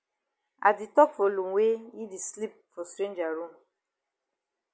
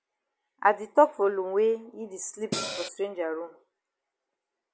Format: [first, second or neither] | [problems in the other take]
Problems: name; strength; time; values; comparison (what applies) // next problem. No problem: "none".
first | background sound (Cymbal); 3 dB below the speech